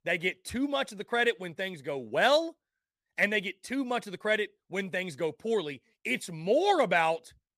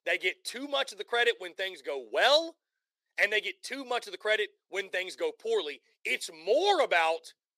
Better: first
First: none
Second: thin; somewhat; fading below 400 Hz

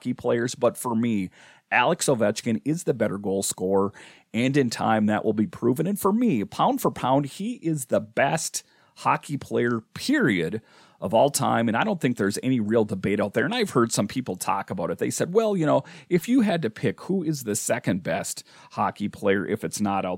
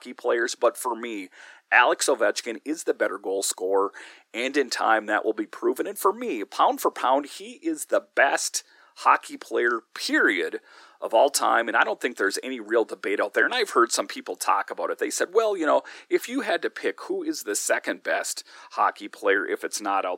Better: first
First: none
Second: thin; very; fading below 300 Hz

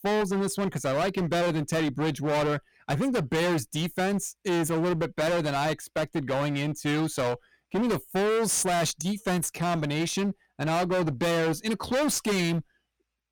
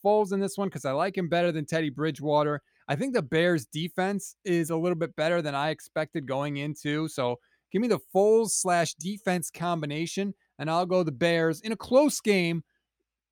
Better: second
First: distortion; heavy; 28% of the sound clipped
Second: none

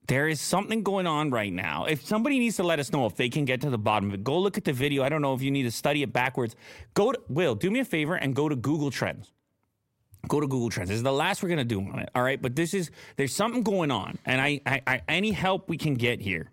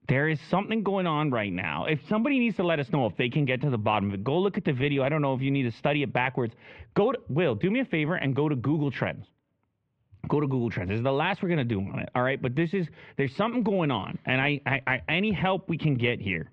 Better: first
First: none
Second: muffled; very; fading above 3 kHz

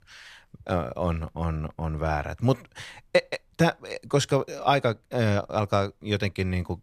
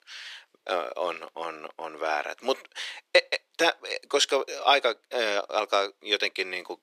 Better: first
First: none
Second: thin; very; fading below 350 Hz

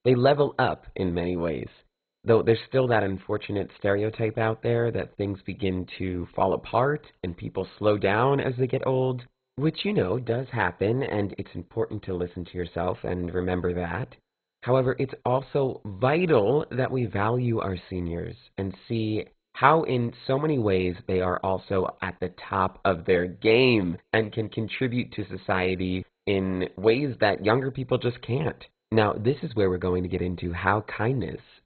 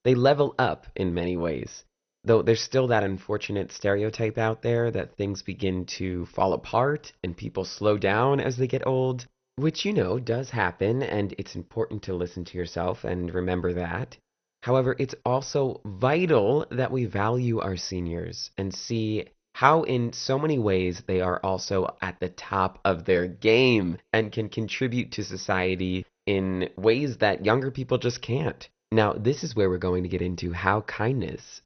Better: second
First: garbled, watery; badly; nothing above 4 kHz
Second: garbled, watery; slightly; nothing above 6 kHz

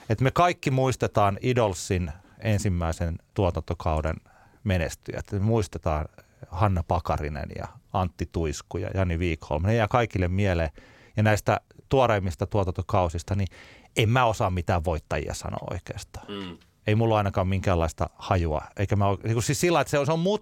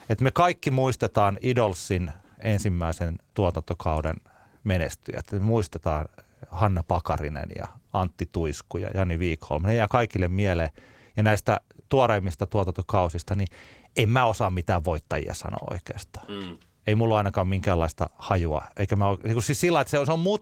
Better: first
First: none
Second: garbled, watery; slightly; nothing above 16.5 kHz

